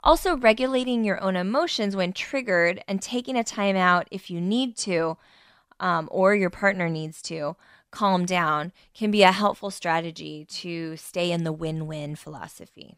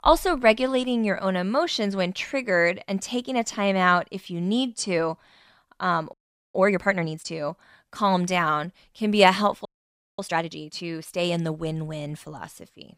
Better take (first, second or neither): first